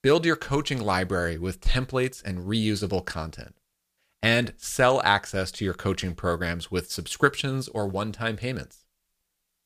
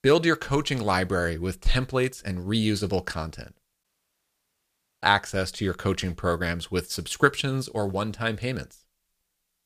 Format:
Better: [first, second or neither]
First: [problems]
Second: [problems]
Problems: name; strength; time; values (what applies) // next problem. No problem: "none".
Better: first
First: none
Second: audio cutting out; at 4 s for 1 s